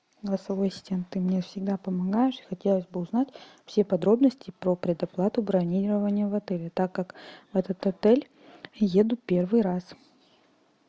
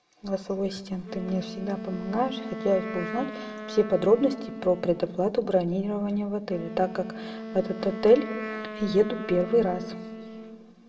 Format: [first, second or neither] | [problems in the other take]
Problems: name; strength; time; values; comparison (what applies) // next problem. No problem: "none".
first | background sound (Wind instrument, woodwind instrument); 11 dB below the speech // room echo; dies away in 1.1 s